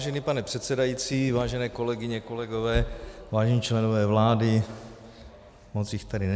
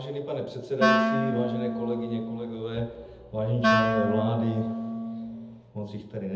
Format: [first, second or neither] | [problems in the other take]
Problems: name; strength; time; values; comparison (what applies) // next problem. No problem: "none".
first | background sound (Wind instrument, woodwind instrument); 3 dB above the speech // room echo; dies away in 0.7 s